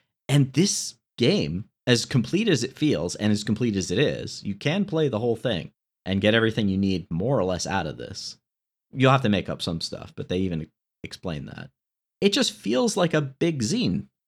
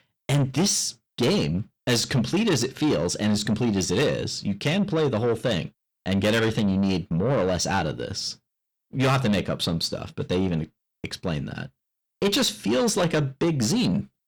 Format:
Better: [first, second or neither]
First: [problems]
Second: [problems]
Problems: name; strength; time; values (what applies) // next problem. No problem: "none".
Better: first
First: none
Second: distortion; heavy; 8 dB below the speech